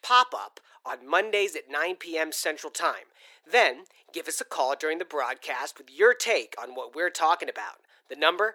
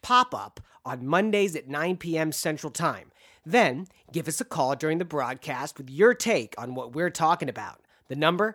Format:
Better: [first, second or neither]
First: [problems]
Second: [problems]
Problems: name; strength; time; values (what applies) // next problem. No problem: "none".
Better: second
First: thin; very; fading below 400 Hz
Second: none